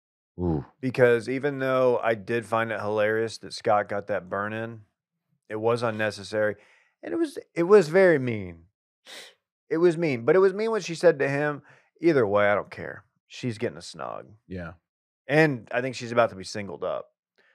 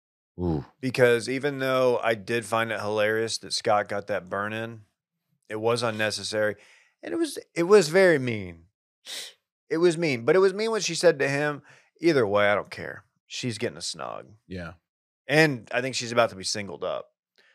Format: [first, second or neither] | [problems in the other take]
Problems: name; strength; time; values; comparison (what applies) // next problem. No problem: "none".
second | muffled; slightly; fading above 2.5 kHz